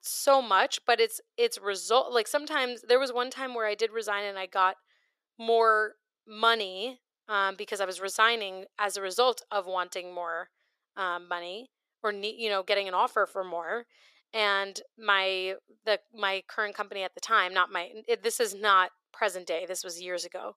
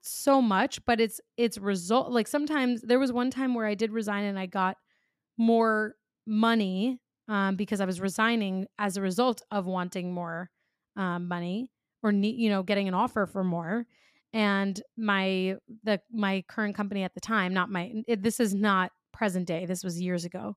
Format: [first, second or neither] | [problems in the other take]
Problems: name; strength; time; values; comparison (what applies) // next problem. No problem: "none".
second | thin; very; fading below 450 Hz